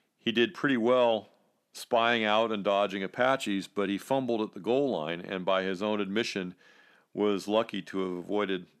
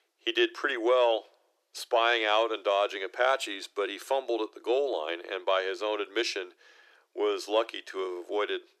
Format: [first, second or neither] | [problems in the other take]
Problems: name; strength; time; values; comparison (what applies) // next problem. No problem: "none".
first | thin; very; fading below 350 Hz